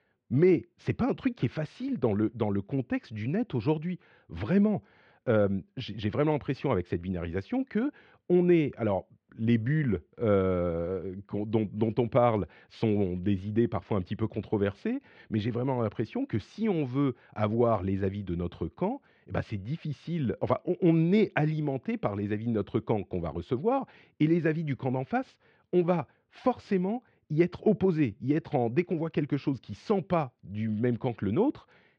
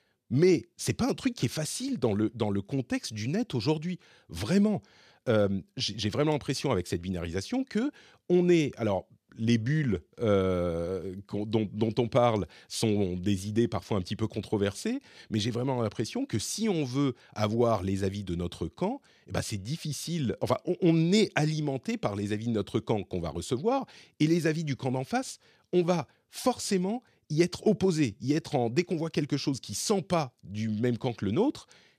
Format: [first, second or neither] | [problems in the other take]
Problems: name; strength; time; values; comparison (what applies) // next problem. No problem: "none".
second | muffled; very; fading above 2.5 kHz